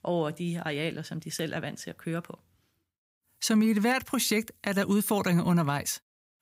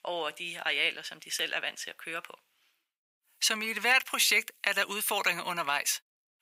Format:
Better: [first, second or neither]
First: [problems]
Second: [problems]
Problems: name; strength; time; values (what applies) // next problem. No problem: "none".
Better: first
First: none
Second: thin; very; fading below 750 Hz